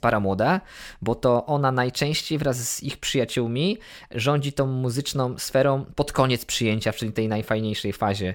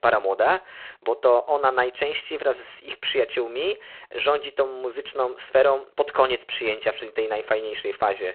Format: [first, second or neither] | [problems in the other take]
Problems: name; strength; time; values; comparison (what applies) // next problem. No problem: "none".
first | phone-call audio; poor line